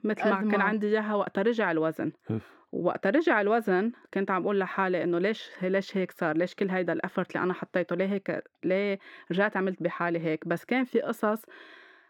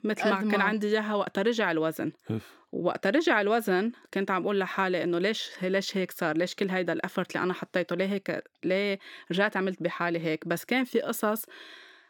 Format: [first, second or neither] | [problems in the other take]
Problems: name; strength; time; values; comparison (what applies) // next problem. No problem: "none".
second | muffled; slightly; fading above 3 kHz